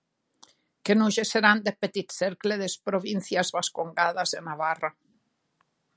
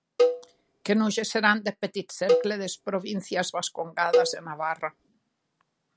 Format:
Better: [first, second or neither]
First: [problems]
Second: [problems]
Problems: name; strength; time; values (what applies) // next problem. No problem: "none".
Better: first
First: none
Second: background sound (Cowbell); as loud as the speech